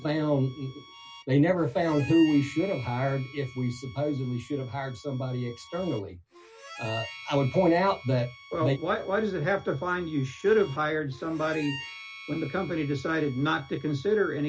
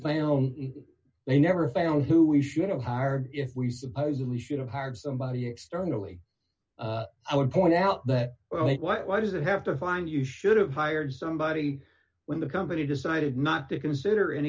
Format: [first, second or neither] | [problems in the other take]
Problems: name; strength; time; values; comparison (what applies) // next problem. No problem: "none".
second | background sound (Harmonica); 18 dB below the speech